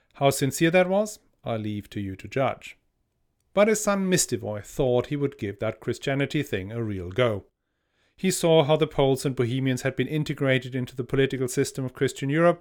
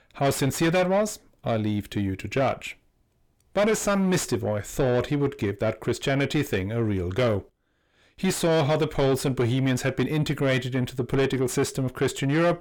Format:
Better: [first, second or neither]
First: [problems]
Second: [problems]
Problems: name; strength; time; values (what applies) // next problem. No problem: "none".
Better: first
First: none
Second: distortion; heavy; 7 dB below the speech